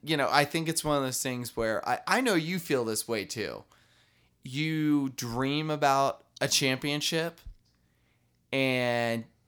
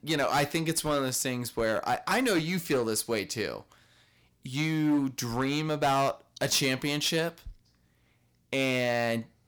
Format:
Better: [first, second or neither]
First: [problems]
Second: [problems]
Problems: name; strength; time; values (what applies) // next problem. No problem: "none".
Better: first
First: none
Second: distortion; slight; 6% of the sound clipped